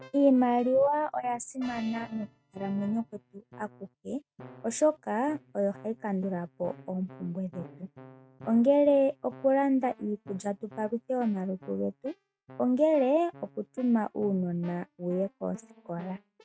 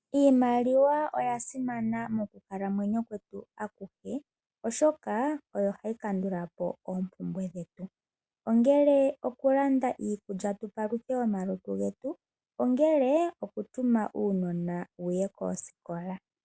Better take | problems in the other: second | noise reduction (neural mask model RNNoise)

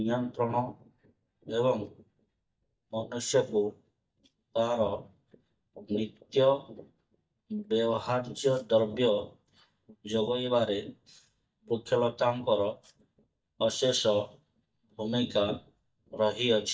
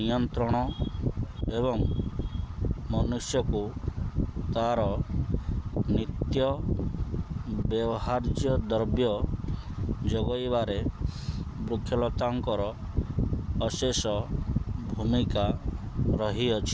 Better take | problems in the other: second | noise reduction (neural mask model DeepFilterNet 3)

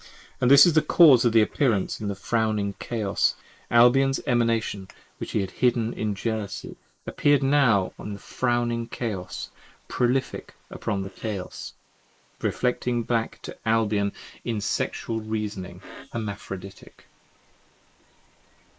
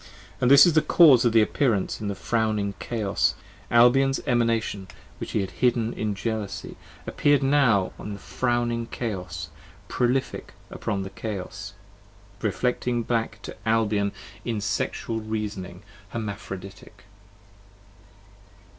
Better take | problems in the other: second | noise reduction (neural mask model Resemble Enhance denoiser)

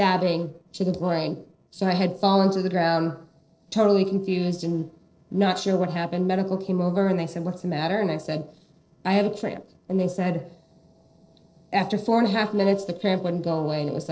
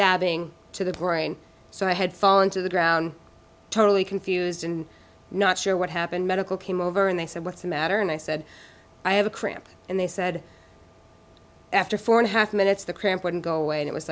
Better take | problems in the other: second | noise reduction (neural separator model SepFormer DNS4)

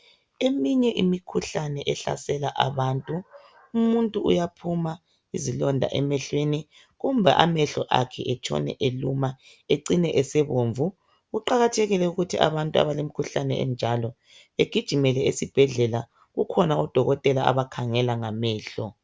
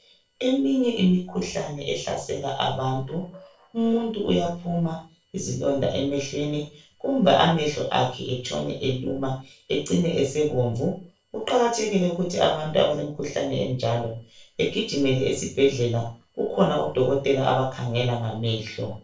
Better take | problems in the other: first | noise reduction (neural separator model SepFormer DNS4)

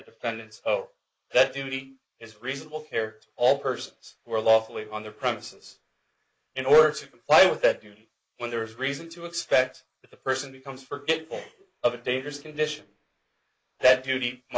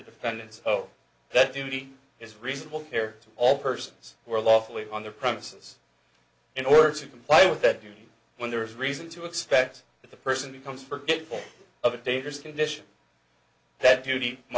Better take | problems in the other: second | noise reduction (neural mask model Resemble Enhance denoiser)

